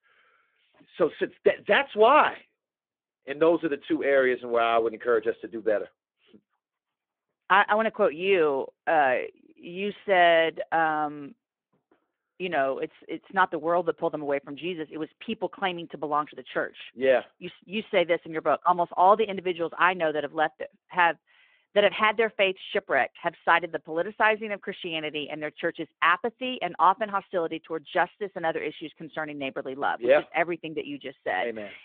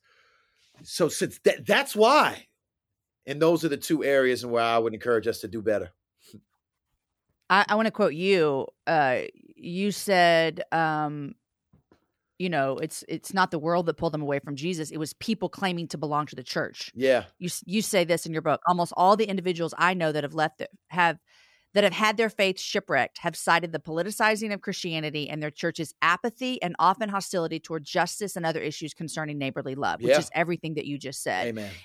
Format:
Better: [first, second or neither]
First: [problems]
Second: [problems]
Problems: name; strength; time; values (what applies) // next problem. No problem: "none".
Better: second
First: phone-call audio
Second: none